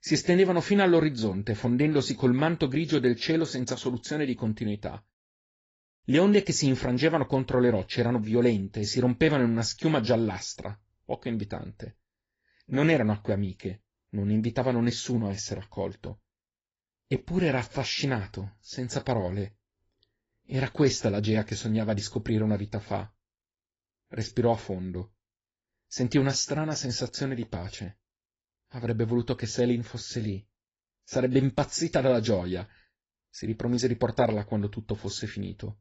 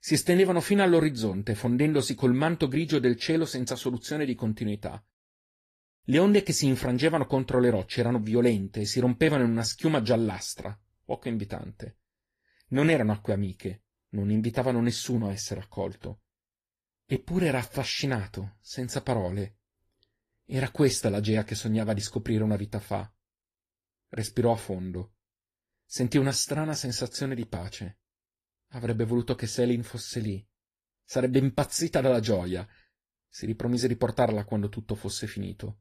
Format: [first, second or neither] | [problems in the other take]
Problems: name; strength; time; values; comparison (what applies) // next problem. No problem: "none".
second | garbled, watery; badly; nothing above 7.5 kHz; slightly in the second